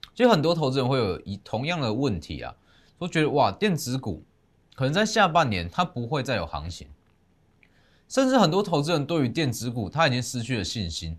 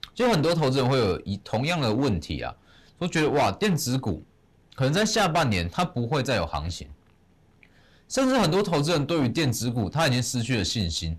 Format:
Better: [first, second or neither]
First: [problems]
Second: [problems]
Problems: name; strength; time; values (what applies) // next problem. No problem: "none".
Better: first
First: none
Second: distortion; heavy; 11% of the sound clipped